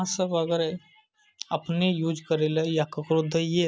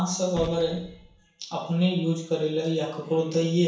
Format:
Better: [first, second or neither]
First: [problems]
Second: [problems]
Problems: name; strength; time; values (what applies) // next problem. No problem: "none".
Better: first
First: none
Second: background sound (Gunshot, gunfire); 19 dB below the speech // room echo; dies away in 0.7 s